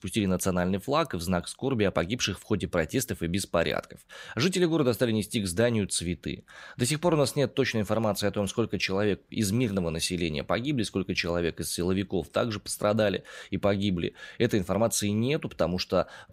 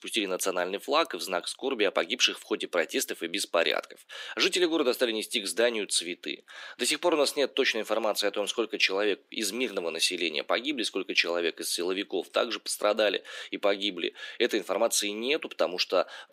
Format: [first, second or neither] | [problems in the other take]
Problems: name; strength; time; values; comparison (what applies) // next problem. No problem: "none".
first | thin; somewhat; fading below 300 Hz